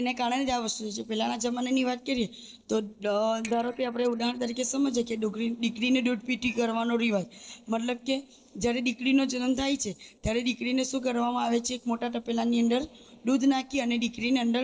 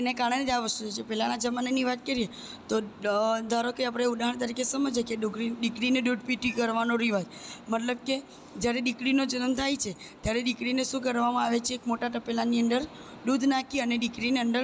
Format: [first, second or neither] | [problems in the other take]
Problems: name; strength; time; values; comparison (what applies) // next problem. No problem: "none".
second | noise reduction (neural separator model SepFormer DNS4)